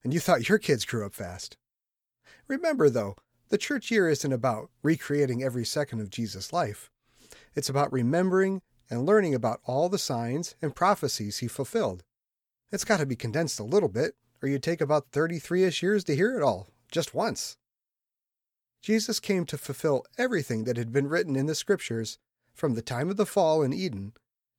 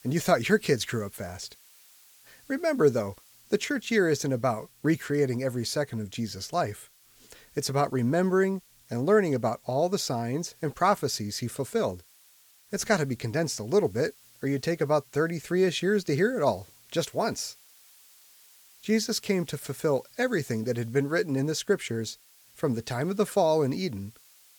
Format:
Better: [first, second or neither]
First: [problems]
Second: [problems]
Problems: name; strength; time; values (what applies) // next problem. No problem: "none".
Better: first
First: none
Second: hiss; faint; throughout; 25 dB below the speech